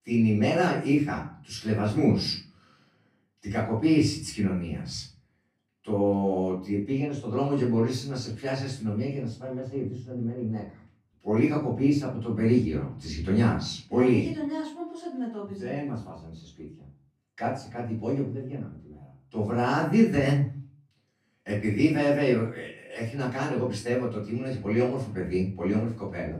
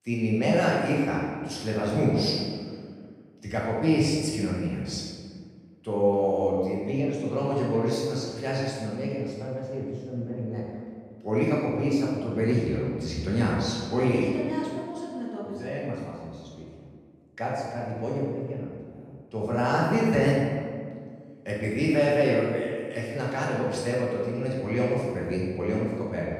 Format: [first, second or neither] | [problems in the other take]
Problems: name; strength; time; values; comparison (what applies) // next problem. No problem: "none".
first | room echo; strong; dies away in 1.6 s; slight in the first // off-mic speech; far; far in the first